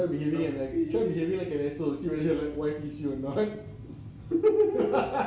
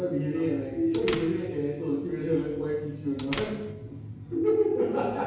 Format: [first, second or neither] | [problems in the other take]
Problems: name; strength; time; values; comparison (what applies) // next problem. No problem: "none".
first | background sound (Door); 15 dB below the speech // room echo; dies away in 0.9 s